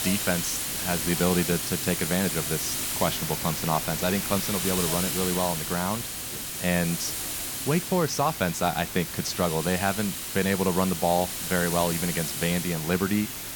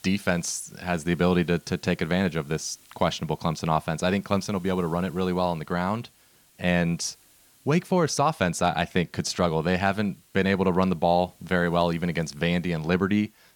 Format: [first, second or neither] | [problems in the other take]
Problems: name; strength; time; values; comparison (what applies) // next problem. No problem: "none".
second | hiss; loud; throughout; 2 dB below the speech; faint in the second